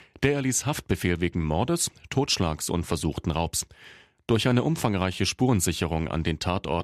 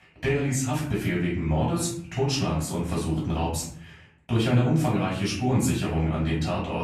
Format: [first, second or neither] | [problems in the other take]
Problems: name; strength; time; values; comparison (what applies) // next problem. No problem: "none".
first | room echo; noticeable; dies away in 0.6 s // off-mic speech; far